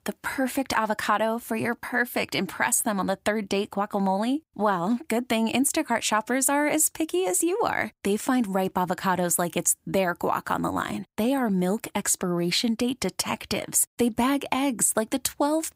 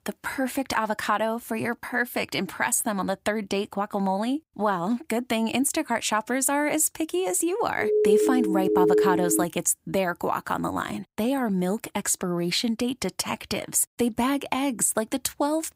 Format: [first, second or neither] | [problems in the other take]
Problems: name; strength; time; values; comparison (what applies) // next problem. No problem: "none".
first | siren; loud; from 8 to 9.5 s; peak 5 dB above the speech